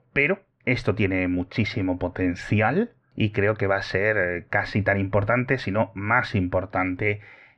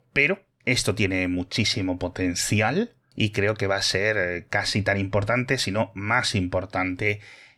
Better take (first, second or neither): second